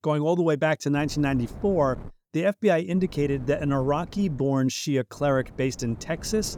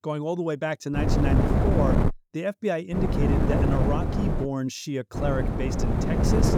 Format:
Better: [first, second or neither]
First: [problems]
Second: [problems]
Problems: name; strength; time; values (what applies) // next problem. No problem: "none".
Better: first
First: wind noise on the microphone; occasional gusts; from 1 to 2 s, from 3 to 4.5 s and from 5 s on; 20 dB below the speech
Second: wind noise on the microphone; heavy; from 1 to 2 s, from 3 to 4.5 s and from 5 s on; as loud as the speech